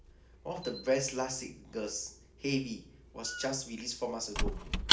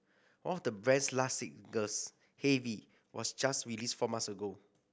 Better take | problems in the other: second | background sound (Squeak / Wood); as loud as the speech // room echo; dies away in 0.4 s

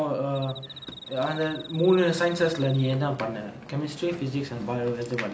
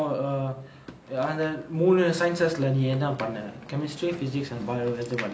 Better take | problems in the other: second | background sound (Cricket); 16 dB below the speech

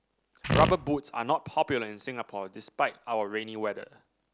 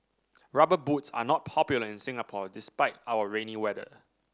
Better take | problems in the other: second | background sound (Fart); 3 dB above the speech

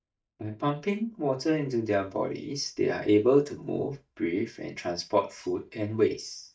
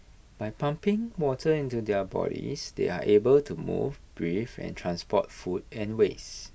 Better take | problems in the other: second | noise reduction (neural mask model DeepFilterNet 3)

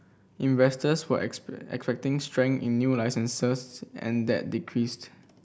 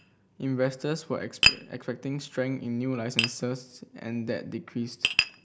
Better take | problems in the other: first | background sound (Tap); as loud as the speech

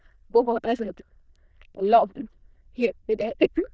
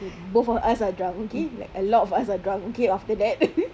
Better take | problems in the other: second | noise reduction (neural diffusion model UNIVERSE++)

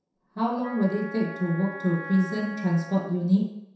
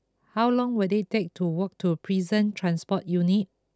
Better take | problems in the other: second | background sound (Wind instrument, woodwind instrument); 14 dB below the speech // room echo; dies away in 0.7 s

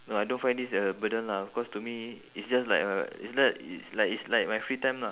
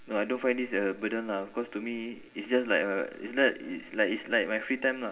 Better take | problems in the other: first | room echo; dies away in 2 s

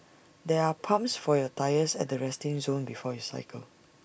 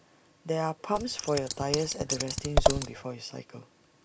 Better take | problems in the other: first | background sound (Scissors); 3 dB above the speech

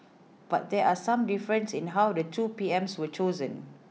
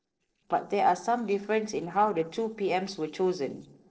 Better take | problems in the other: first | noise reduction (neural separator model SepFormer DNS4)

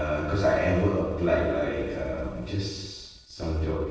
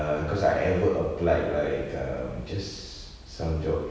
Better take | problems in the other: second | noise reduction (neural separator model SepFormer DNS4)

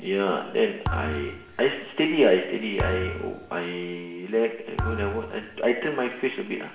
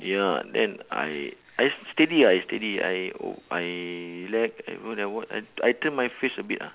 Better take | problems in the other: second | background sound (Thump, thud); 8 dB below the speech // room echo; dies away in 1 s

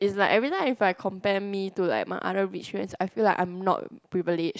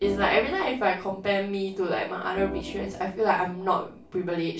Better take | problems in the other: first | background sound (Organ); 13 dB below the speech // room echo; dies away in 0.3 s

